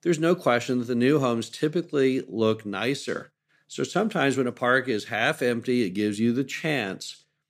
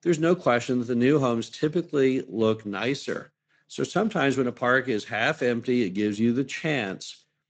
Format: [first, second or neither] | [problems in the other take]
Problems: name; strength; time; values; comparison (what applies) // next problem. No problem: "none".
first | garbled, watery; slightly; nothing above 7.5 kHz